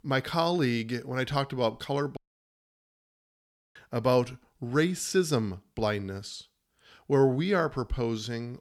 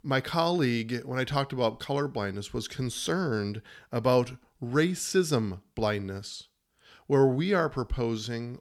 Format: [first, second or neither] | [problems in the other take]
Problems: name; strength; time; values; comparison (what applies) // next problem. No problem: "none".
second | audio cutting out; at 2 s for 1.5 s